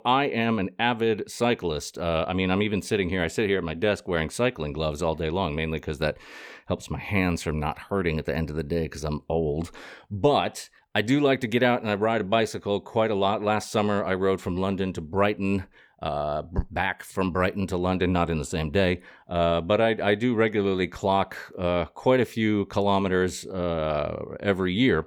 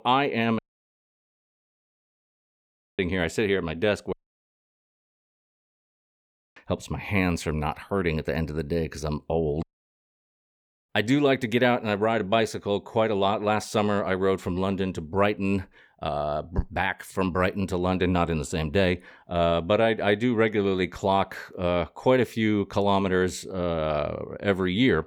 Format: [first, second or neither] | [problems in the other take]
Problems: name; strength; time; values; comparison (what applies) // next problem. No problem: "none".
first | audio cutting out; at 0.5 s for 2.5 s, at 4 s for 2.5 s and at 9.5 s for 1.5 s